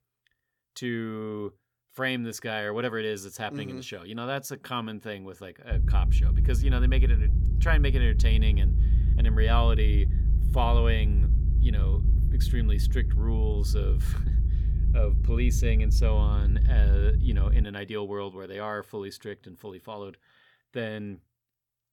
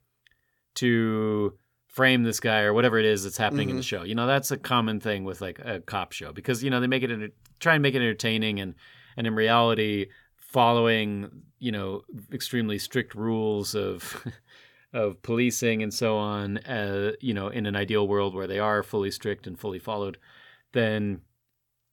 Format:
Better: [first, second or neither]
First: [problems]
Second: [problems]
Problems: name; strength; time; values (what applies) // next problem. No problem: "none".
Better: second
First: low rumble; loud; from 5.5 to 18 s; 9 dB below the speech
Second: none